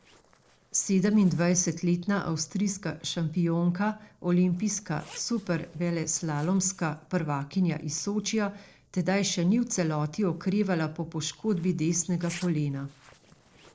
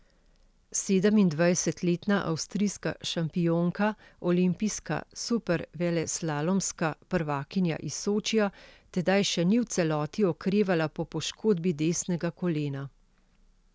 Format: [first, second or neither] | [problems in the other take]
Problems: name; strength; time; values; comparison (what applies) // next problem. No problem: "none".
second | noise reduction (neural separator model SepFormer DNS4)